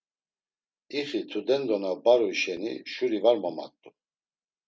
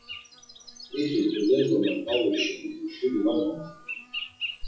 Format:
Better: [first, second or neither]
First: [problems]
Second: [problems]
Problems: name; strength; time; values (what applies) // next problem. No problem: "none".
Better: first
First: none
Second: noise reduction (classical method WPE with log-MMSE)